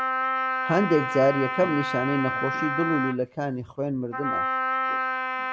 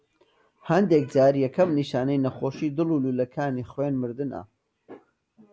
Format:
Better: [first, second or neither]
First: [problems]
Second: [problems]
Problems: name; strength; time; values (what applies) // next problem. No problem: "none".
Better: second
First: background sound (Wind instrument, woodwind instrument); 1 dB below the speech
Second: none